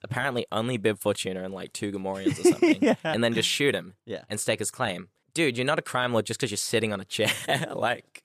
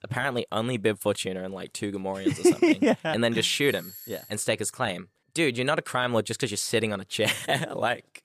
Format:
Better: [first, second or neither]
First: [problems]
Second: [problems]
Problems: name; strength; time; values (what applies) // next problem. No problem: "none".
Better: first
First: none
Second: doorbell; faint; at 3.5 s; peak 15 dB below the speech